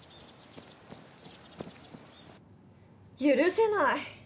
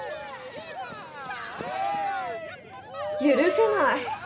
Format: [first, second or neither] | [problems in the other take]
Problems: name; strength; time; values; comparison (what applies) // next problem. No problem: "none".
first | background sound (Cheering); 3 dB below the speech